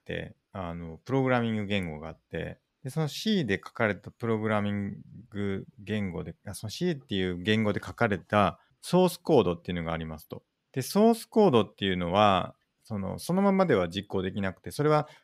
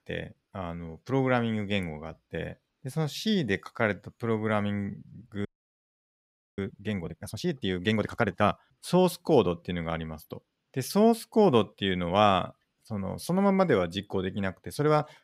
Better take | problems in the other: first | audio freezing; at 5.5 s for 1 s

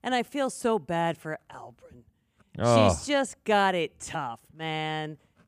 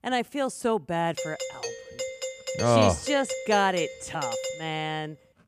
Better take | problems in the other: first | doorbell; noticeable; from 1 to 5 s; peak 5 dB below the speech

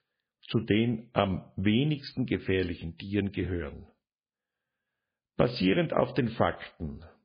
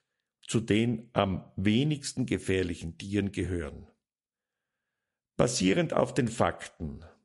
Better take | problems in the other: second | garbled, watery; badly; nothing above 5 kHz; slightly in the second

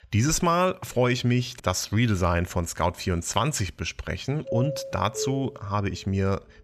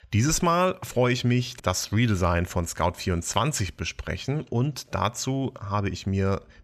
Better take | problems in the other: second | doorbell; noticeable; from 4.5 to 5.5 s; peak 5 dB below the speech

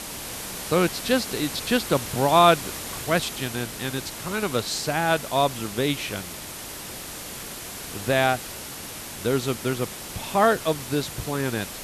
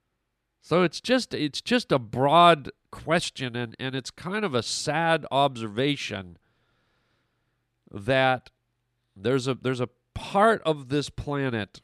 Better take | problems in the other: second | hiss; loud; throughout; 9 dB below the speech

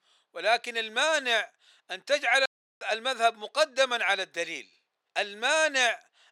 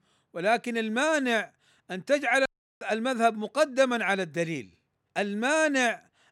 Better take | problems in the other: second | thin; very; fading below 650 Hz

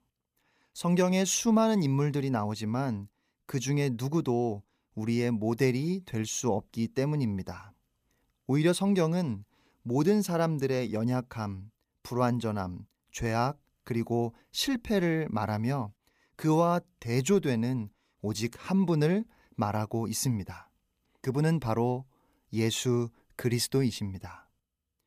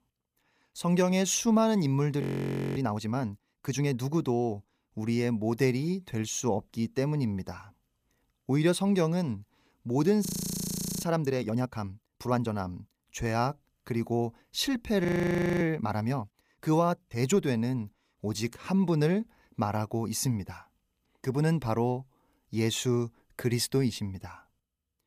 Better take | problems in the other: first | audio freezing; at 2 s for 0.5 s, at 10 s for 1 s and at 15 s for 0.5 s

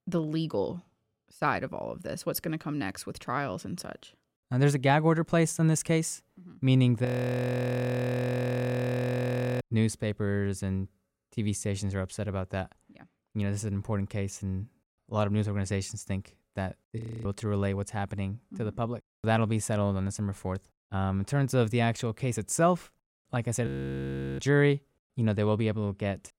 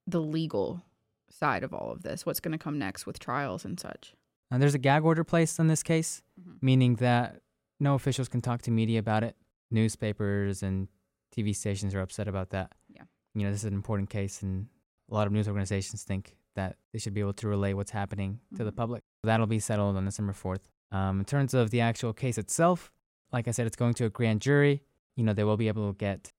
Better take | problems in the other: second | audio freezing; at 7 s for 2.5 s, at 17 s and at 24 s for 0.5 s

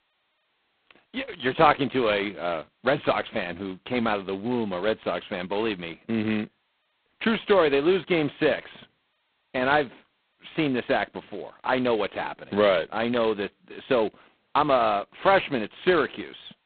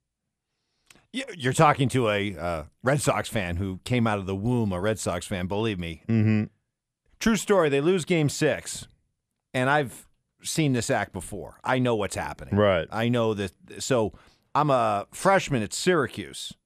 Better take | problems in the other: second | phone-call audio; poor line; nothing above 4 kHz

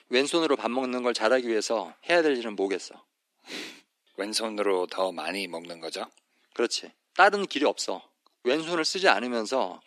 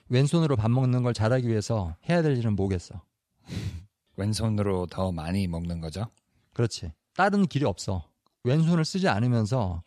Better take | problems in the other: second | thin; very; fading below 300 Hz

